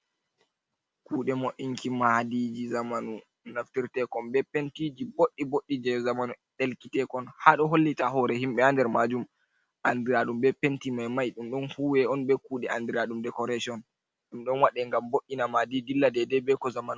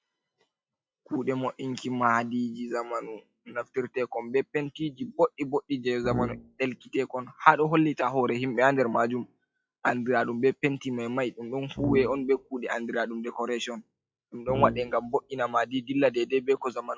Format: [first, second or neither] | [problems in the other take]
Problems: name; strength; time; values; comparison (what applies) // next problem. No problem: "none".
first | noise reduction (classical method log-MMSE)